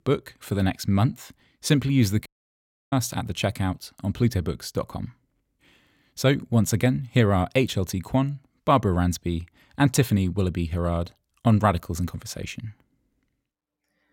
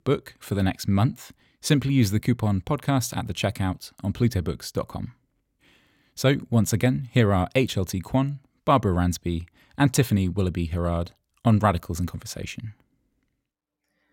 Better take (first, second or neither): second